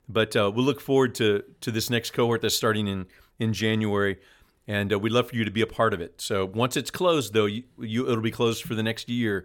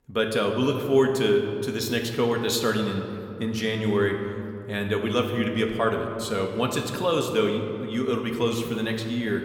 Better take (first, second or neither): first